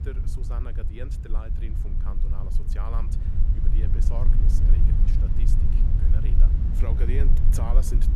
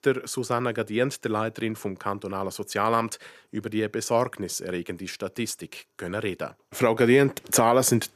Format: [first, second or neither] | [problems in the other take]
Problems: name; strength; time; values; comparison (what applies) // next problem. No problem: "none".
second | low rumble; loud; throughout; 1 dB below the speech